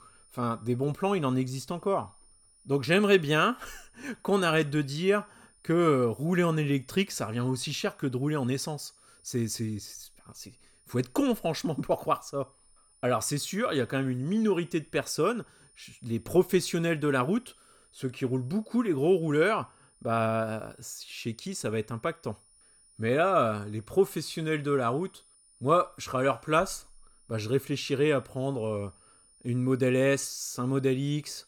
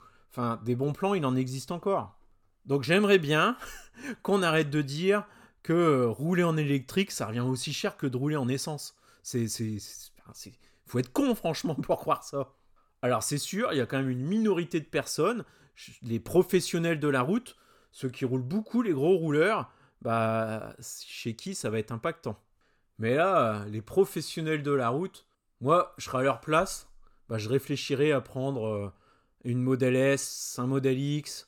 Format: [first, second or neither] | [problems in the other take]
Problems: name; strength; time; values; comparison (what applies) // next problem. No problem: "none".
second | high-pitched whine; faint; throughout; 9.5 kHz, 30 dB below the speech